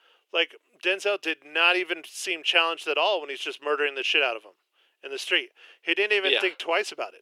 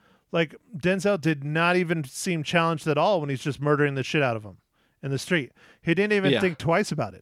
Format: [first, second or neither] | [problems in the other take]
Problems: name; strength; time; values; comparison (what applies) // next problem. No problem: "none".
second | thin; very; fading below 350 Hz